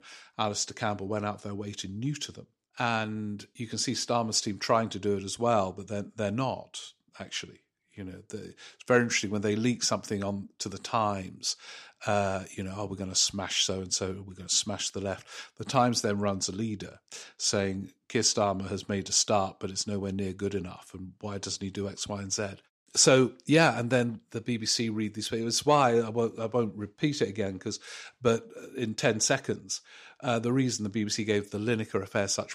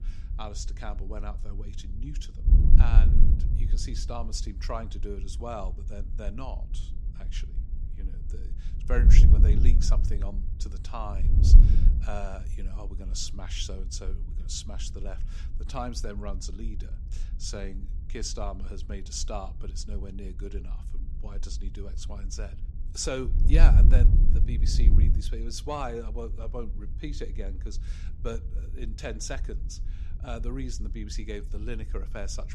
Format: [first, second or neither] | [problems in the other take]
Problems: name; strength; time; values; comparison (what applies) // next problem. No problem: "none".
first | wind noise on the microphone; heavy; 9 dB below the speech